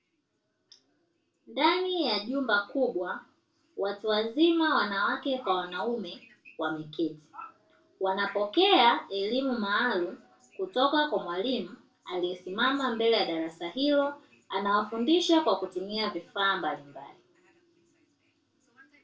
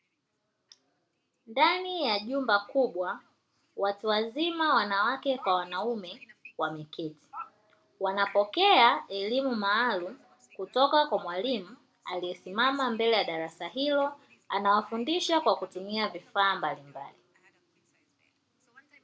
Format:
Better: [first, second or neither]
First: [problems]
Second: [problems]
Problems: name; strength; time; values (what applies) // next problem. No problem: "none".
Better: second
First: room echo; dies away in 0.2 s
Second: none